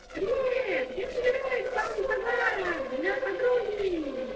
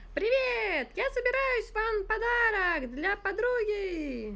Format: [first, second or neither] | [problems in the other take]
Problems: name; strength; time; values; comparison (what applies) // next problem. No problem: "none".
second | noise reduction (neural separator model SepFormer DNS4)